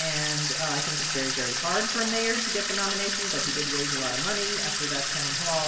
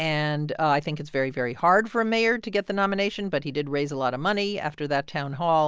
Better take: second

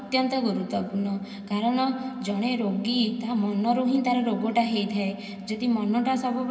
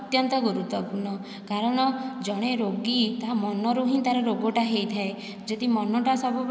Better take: second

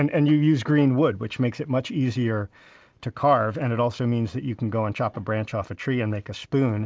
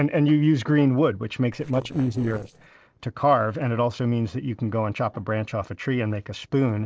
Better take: first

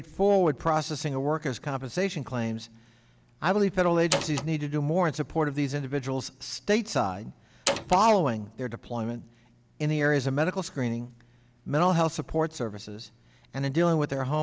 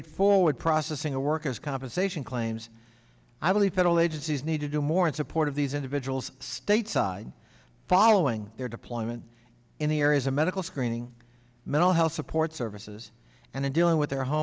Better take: second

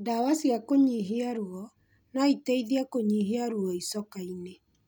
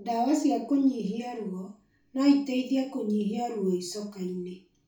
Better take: first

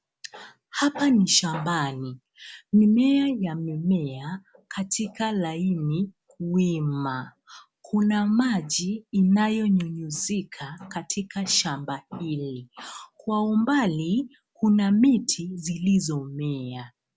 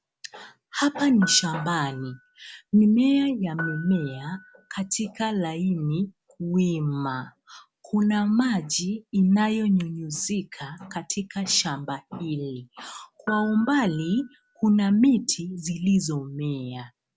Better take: first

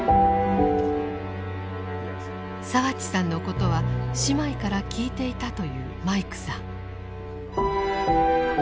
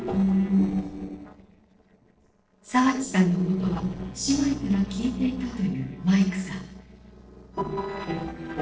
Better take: first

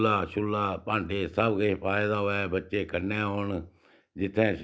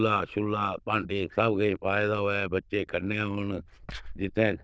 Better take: first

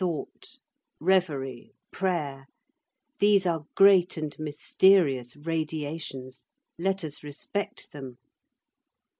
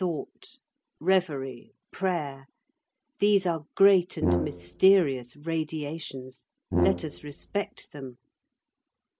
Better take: first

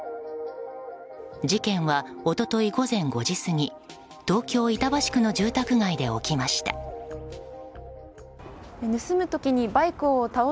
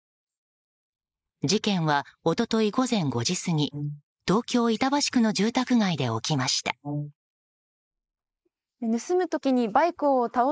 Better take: first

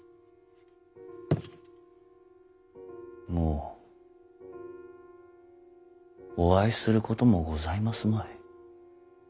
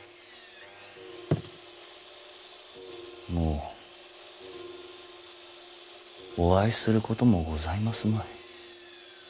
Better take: first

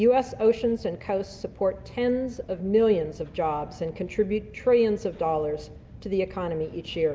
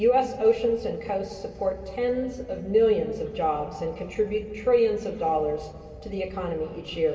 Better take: first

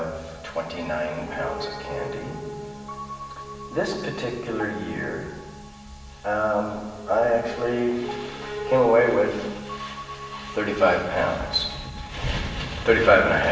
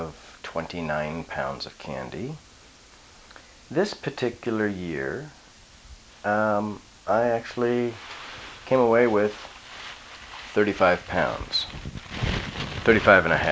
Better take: second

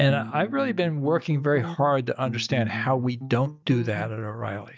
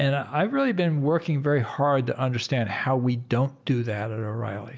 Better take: second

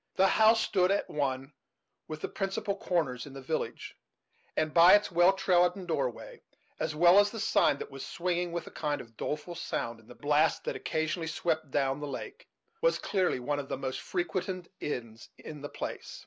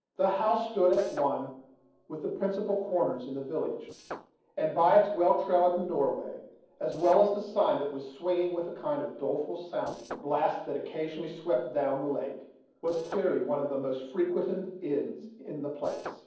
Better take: first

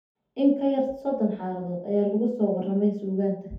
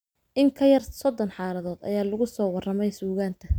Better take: second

